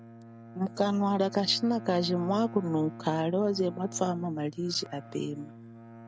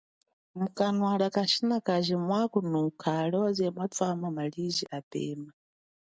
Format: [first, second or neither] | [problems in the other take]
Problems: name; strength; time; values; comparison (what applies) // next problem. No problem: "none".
second | background sound (Bowed string instrument); 15 dB below the speech